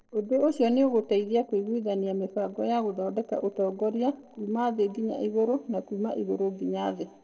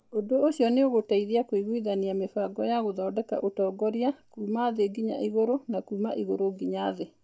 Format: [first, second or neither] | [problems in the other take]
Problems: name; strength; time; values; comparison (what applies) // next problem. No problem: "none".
second | noise reduction (neural separator model SepFormer DNS4)